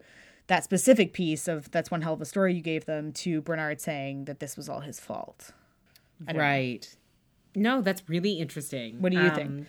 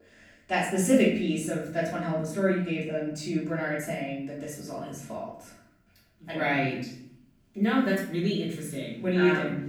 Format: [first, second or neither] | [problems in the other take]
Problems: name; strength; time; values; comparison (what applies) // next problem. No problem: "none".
first | room echo; noticeable; dies away in 0.6 s // off-mic speech; far